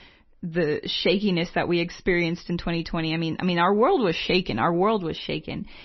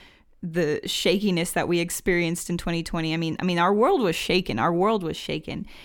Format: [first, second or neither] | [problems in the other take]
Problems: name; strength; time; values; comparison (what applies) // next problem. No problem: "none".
second | garbled, watery; slightly; nothing above 6 kHz